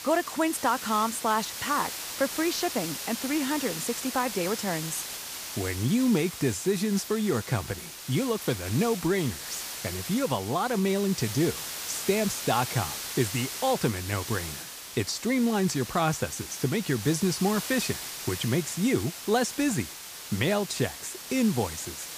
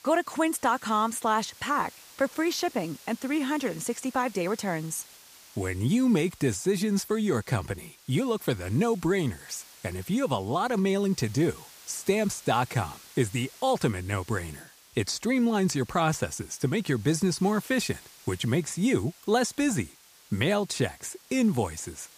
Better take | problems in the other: second | hiss; loud; throughout; 7 dB below the speech; faint in the second

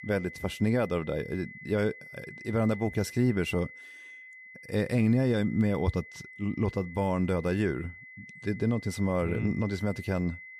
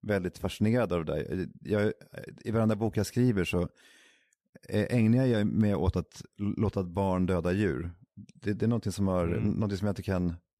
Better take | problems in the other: second | high-pitched whine; noticeable; throughout; 2 kHz, 15 dB below the speech

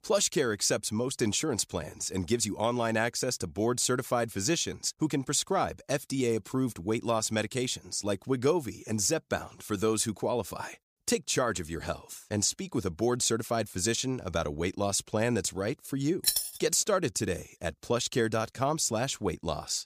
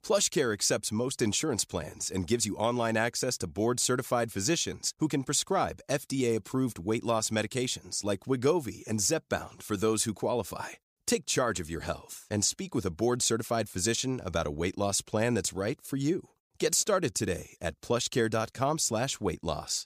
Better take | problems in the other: second | jangling keys; loud; at 16 s; peak 3 dB above the speech

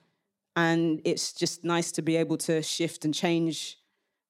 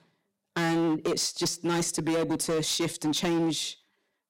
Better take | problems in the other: first | distortion; heavy; 17% of the sound clipped

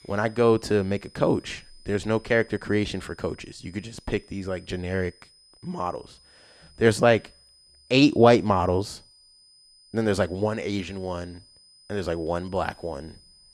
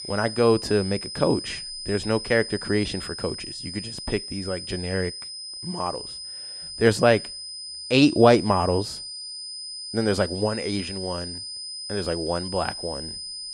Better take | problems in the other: first | high-pitched whine; loud; throughout; 5 kHz, 9 dB below the speech; faint in the first

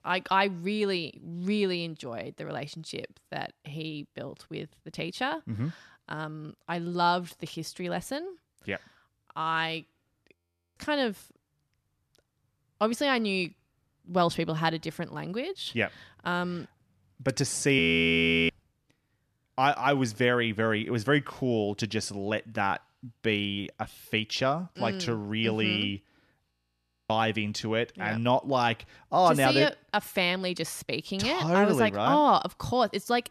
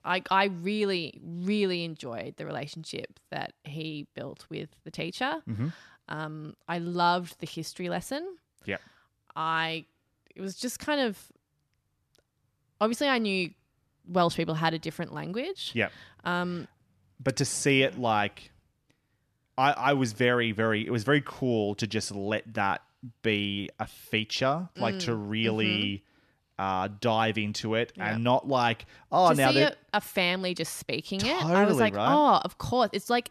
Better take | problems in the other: second | audio freezing; at 10 s, at 18 s for 0.5 s and at 27 s for 0.5 s

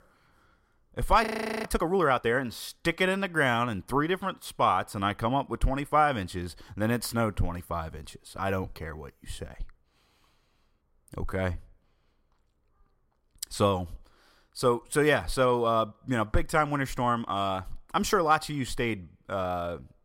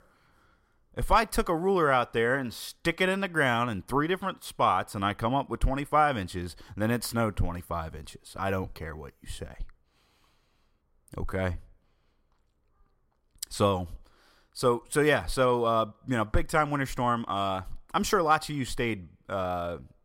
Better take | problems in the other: second | audio freezing; at 1.5 s

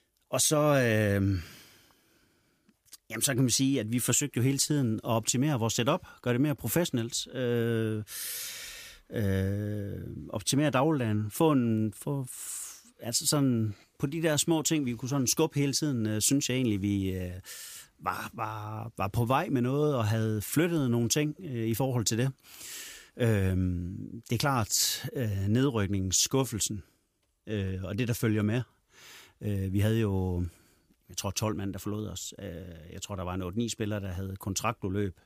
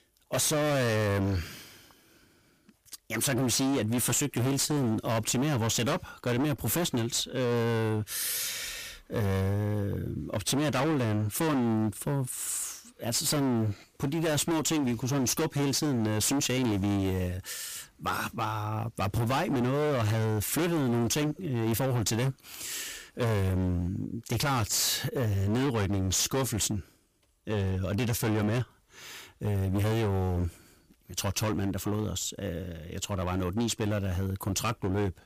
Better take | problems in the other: first | distortion; heavy; 27% of the sound clipped

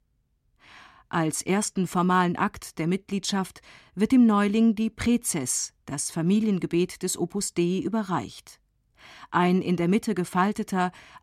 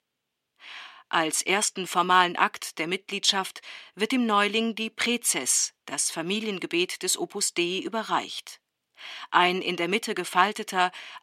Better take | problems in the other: first | thin; somewhat; fading below 450 Hz

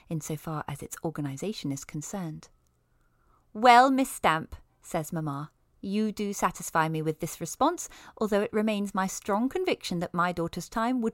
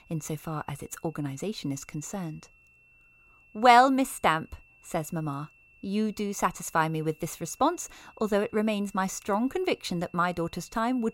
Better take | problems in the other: first | high-pitched whine; faint; throughout; 2.5 kHz, 30 dB below the speech

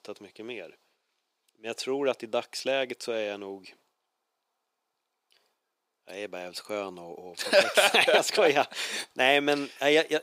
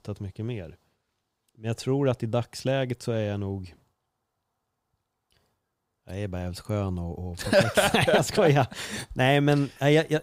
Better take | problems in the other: second | thin; somewhat; fading below 350 Hz

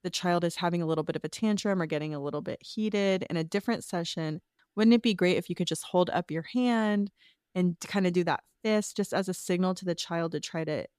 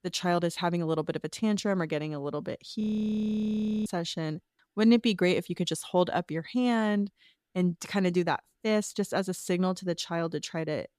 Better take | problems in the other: first | audio freezing; at 3 s for 1 s

